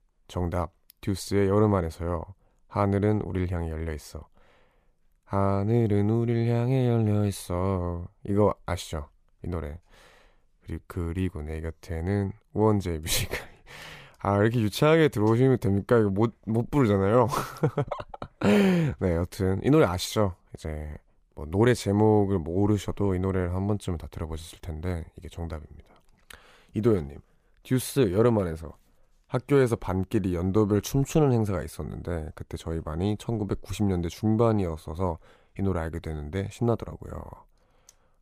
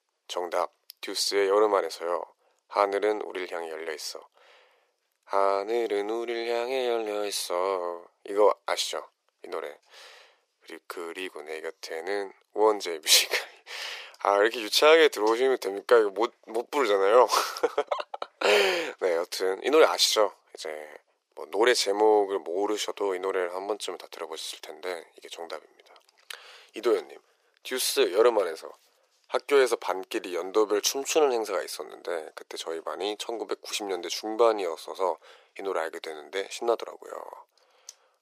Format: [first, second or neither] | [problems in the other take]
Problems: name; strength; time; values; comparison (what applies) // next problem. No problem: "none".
first | thin; very; fading below 400 Hz